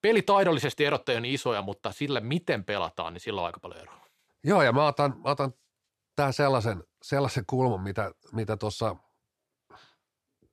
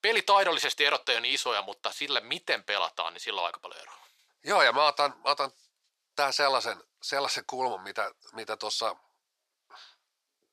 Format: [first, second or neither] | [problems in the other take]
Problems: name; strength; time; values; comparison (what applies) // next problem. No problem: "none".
first | thin; very; fading below 750 Hz